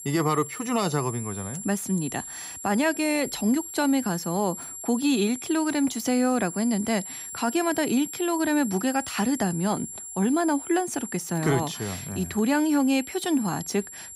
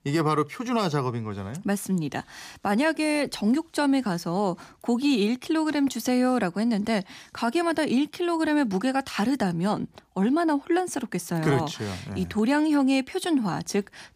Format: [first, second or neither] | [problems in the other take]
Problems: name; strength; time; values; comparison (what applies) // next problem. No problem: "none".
second | high-pitched whine; loud; throughout; 7.5 kHz, 10 dB below the speech